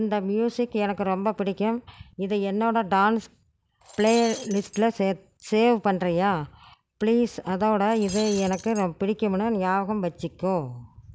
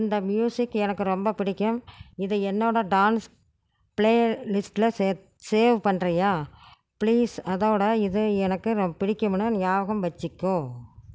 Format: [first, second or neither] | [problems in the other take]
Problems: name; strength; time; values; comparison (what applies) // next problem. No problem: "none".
second | background sound (Shatter); 14 dB below the speech